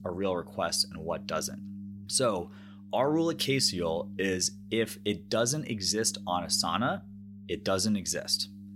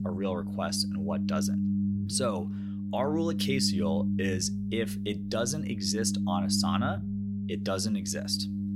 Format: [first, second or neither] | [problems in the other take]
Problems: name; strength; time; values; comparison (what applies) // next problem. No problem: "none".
first | low rumble; loud; throughout; 7 dB below the speech; faint in the first